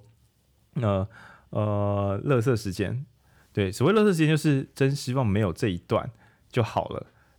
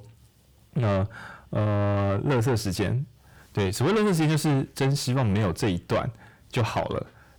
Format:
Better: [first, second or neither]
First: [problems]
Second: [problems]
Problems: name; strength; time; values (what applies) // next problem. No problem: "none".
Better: first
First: none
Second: distortion; heavy; 6 dB below the speech